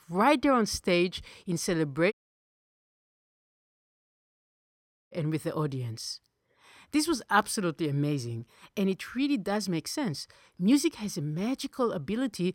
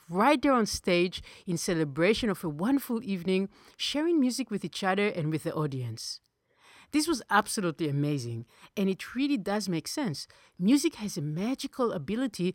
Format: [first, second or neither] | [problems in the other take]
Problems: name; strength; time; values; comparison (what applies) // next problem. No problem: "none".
second | audio cutting out; at 2 s for 3 s